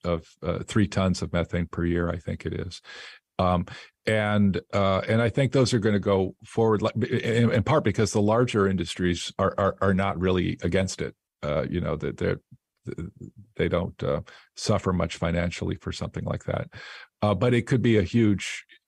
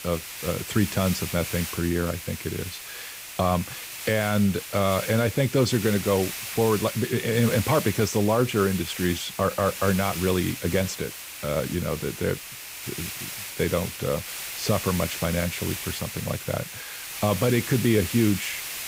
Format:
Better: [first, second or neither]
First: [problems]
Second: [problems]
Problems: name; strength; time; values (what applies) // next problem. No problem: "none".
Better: first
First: none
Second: hiss; loud; throughout; 7 dB below the speech